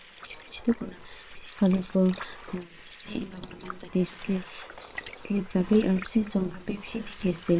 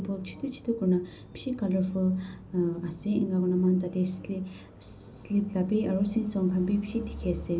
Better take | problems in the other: second | noise reduction (neural separator model SepFormer WHAM!)

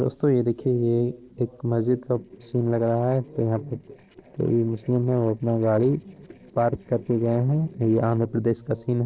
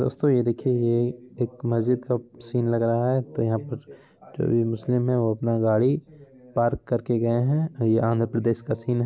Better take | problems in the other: second | noise reduction (neural separator model SepFormer DNS4)

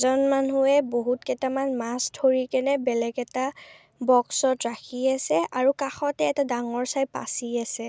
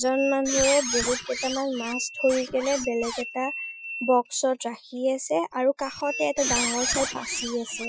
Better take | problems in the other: first | noise reduction (classical method Wiener filter)

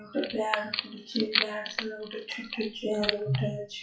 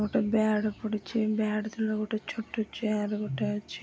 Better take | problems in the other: second | noise reduction (classical method WPE with log-MMSE)

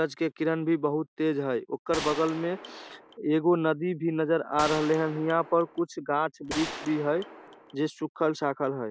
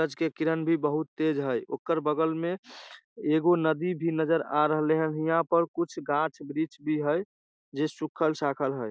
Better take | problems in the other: second | background sound (Gunshot, gunfire); 11 dB below the speech

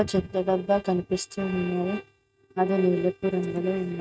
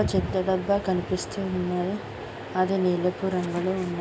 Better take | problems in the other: second | noise reduction (neural mask model RNNoise)

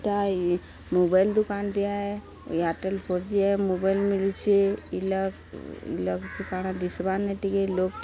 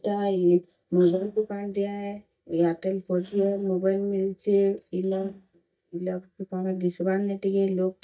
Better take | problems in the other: first | noise reduction (neural mask model DeepFilterNet 3)

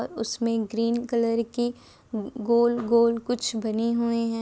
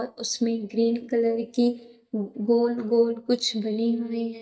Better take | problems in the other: first | noise reduction (neural mask model DeepFilterNet 3)

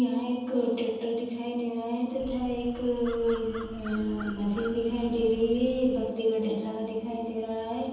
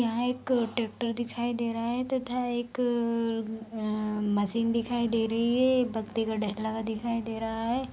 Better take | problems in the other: second | background sound (Crow); 14 dB below the speech // room echo; dies away in 1.1 s

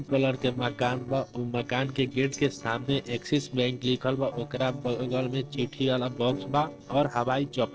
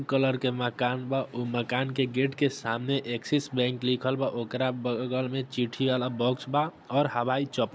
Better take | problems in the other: second | noise reduction (neural separator model SepFormer DNS4)

